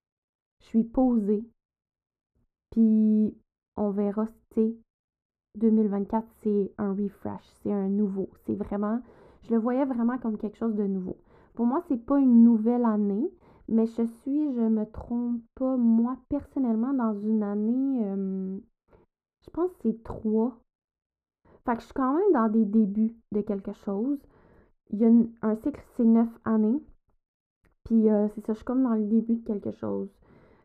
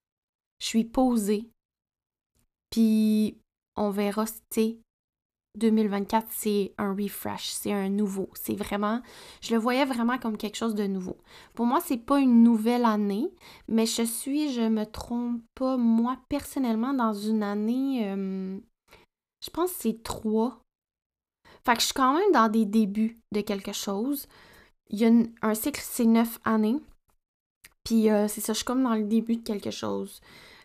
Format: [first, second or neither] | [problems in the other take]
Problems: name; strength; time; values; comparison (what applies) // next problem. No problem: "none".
second | muffled; very; fading above 1.5 kHz